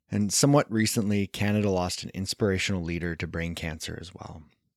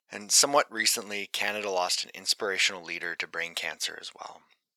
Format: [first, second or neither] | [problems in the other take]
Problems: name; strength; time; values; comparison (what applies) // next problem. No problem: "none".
first | thin; very; fading below 800 Hz